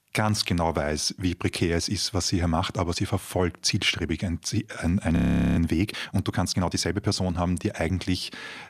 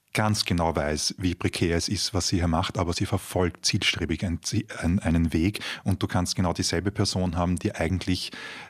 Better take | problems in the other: second | audio freezing; at 5 s

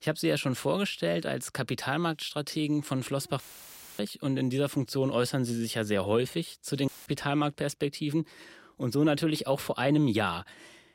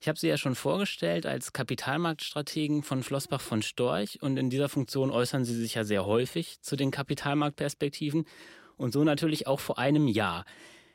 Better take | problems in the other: second | audio cutting out; filled with static; at 3.5 s for 0.5 s and at 7 s

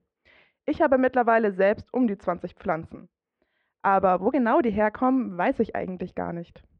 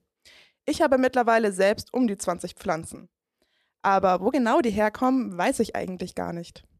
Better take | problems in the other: second | muffled; very; fading above 2.5 kHz

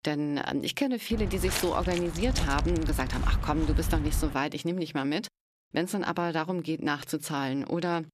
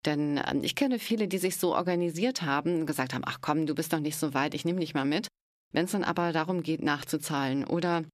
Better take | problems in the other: second | footsteps; loud; from 1 to 4.5 s; peak level with the speech

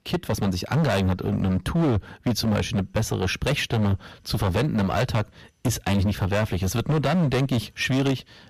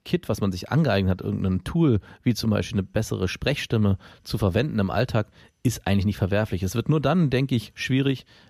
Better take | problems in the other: second | distortion; heavy; 18% of the sound clipped

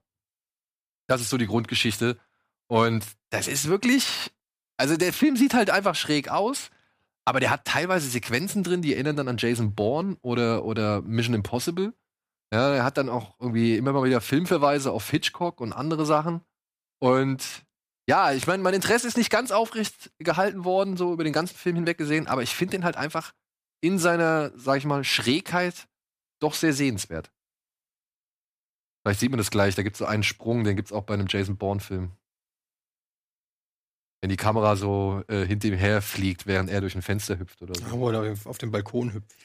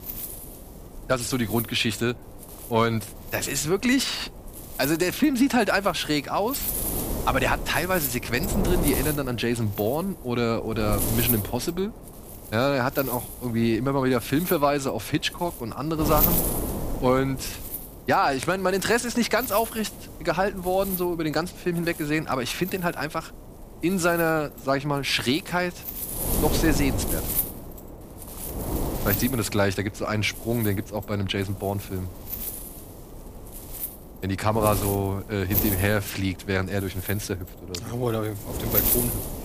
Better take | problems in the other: first | wind noise on the microphone; heavy; 10 dB below the speech

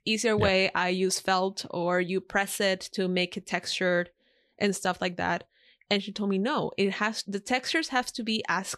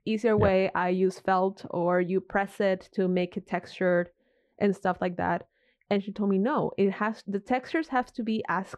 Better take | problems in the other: first | muffled; very; fading above 2.5 kHz

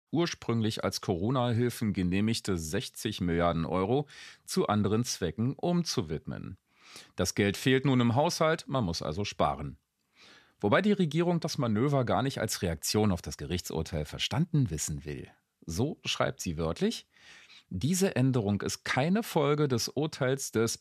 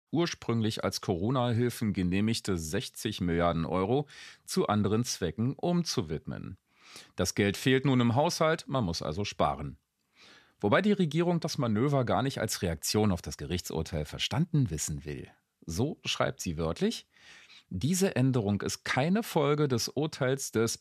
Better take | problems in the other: neither | none

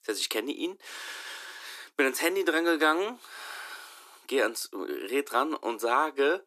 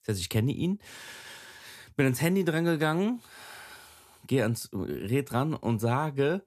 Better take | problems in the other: second | thin; very; fading below 300 Hz

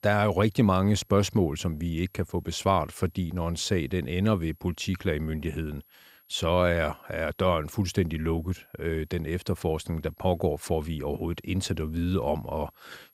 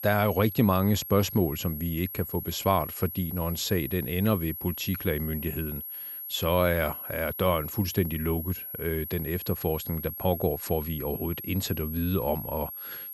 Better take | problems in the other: first | high-pitched whine; loud; throughout; 11.5 kHz, 7 dB below the speech; faint in the first

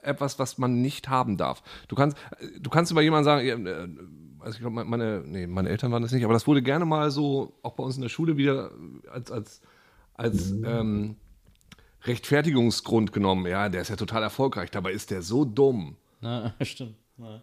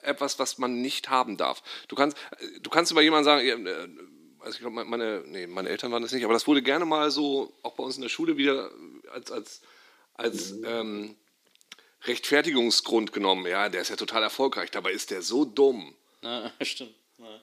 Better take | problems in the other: first | thin; very slightly; fading below 300 Hz

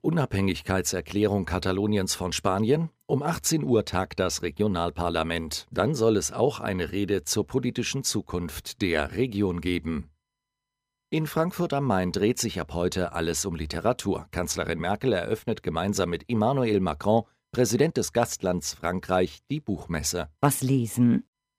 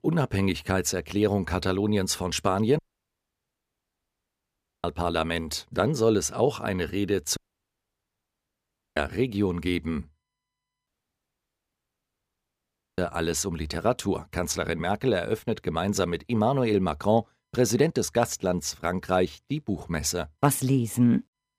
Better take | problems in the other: first | audio cutting out; at 3 s for 2 s, at 7.5 s for 1.5 s and at 11 s for 2 s

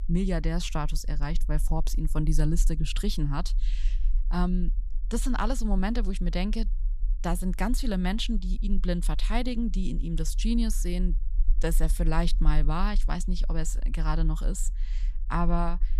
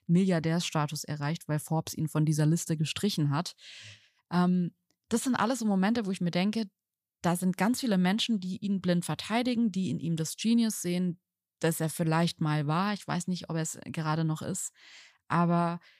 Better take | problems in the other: second | low rumble; faint; throughout; 25 dB below the speech

